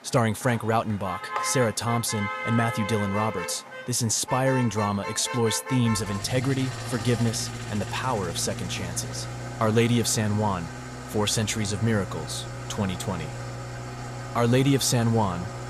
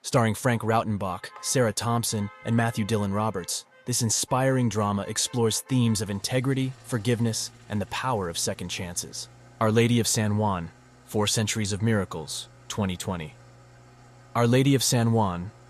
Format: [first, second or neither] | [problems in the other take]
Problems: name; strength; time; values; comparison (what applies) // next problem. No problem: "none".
second | traffic noise; loud; throughout; 8 dB below the speech; faint in the second